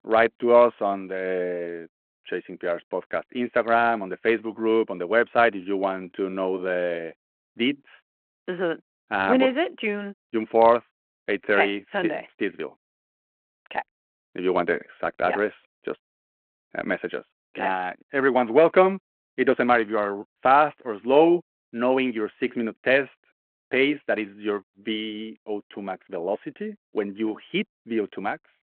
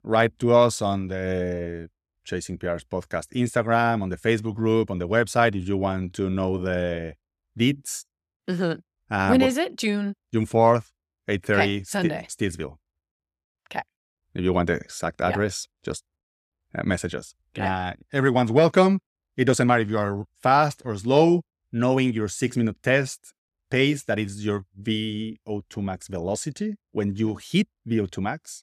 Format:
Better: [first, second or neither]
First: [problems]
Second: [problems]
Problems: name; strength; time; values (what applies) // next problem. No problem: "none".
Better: second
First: phone-call audio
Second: none